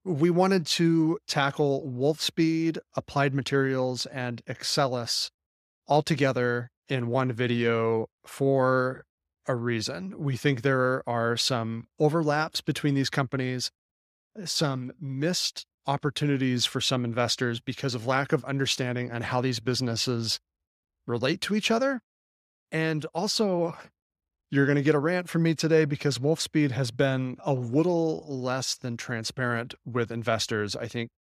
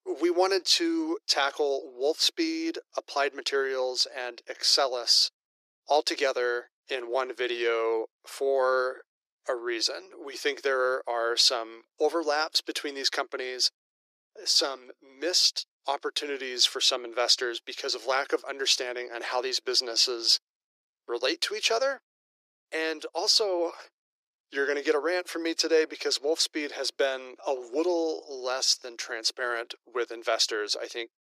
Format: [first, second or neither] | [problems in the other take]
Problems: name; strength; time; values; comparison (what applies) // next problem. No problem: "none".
first | thin; very; fading below 350 Hz